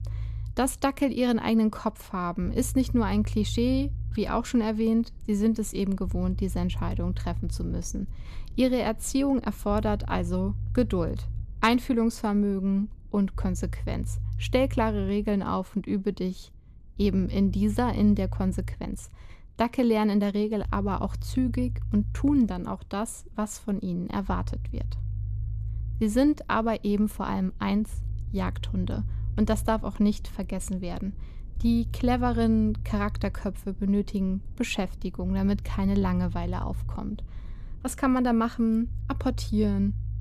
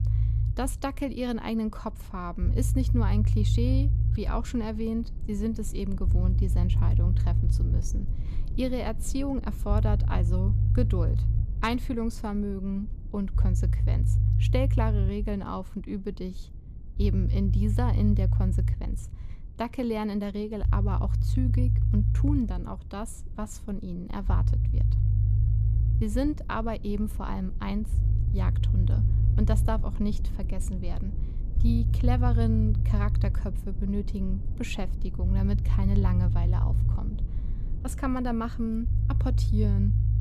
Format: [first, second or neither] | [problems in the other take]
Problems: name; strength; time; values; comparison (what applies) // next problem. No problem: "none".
first | low rumble; loud; throughout; 7 dB below the speech; faint in the first